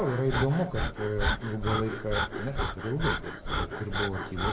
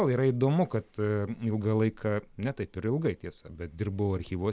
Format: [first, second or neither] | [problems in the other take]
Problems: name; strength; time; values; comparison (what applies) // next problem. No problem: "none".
second | background sound (Breathing); 1 dB below the speech // room echo; dies away in 0.5 s